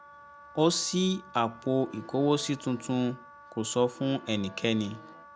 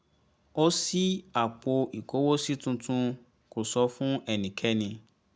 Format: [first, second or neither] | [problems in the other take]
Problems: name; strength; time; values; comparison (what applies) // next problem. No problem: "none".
second | background sound (Accordion + Wind instrument, woodwind instrument); 19 dB below the speech